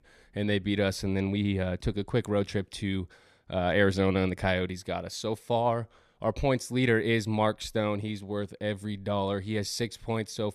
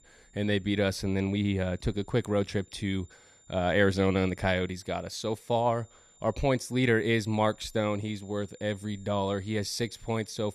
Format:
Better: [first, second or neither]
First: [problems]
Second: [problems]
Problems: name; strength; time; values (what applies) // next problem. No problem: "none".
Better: first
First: none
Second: high-pitched whine; faint; throughout; 7 kHz, 30 dB below the speech